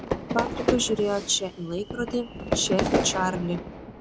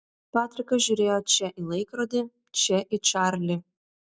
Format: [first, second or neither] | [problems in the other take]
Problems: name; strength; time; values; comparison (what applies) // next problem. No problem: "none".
second | background sound (Fire / Fireworks); 1 dB below the speech